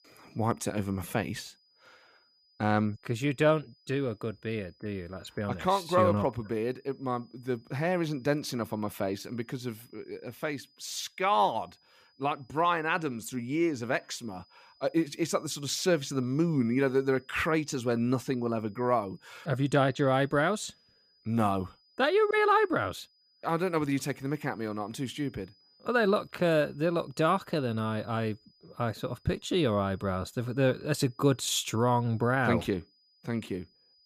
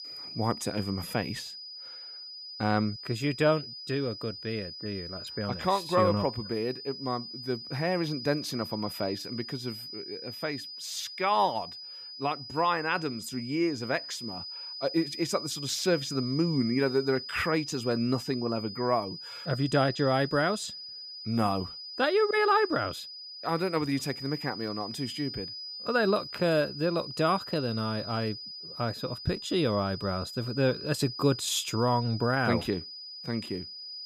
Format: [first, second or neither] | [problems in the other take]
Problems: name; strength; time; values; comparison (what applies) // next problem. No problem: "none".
first | high-pitched whine; loud; throughout; 5 kHz, 9 dB below the speech; faint in the first